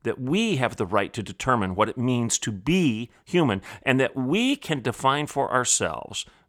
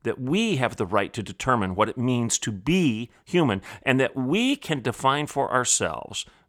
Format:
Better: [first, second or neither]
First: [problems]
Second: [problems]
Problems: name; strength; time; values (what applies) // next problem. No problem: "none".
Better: neither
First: none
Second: none